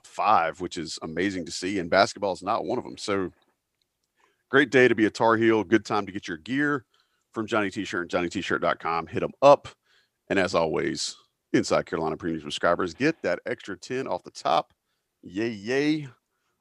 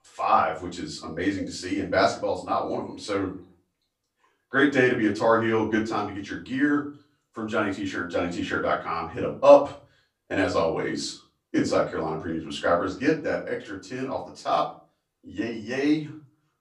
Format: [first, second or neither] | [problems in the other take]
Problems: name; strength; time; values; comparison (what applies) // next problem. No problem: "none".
first | off-mic speech; far // room echo; slight; dies away in 0.3 s